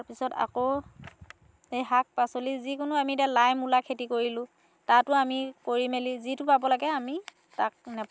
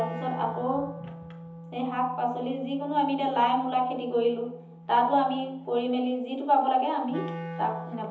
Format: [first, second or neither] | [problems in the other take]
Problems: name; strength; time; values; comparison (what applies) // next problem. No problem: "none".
first | background sound (Wind instrument, woodwind instrument); 13 dB below the speech // room echo; dies away in 0.8 s